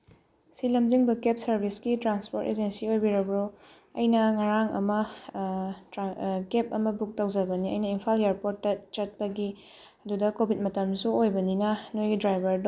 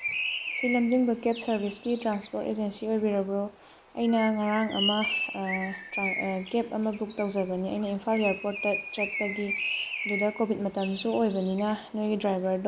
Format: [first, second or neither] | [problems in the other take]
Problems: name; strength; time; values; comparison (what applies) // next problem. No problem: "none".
first | background sound (Bird); 7 dB below the speech